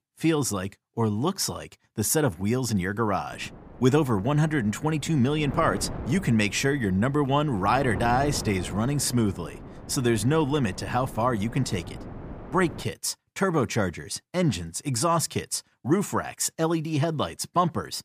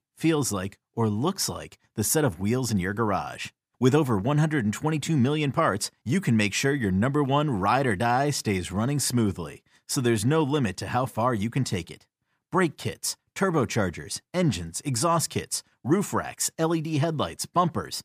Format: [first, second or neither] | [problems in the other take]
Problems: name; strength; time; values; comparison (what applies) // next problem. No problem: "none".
second | wind noise on the microphone; occasional gusts; from 3.5 to 13 s; 15 dB below the speech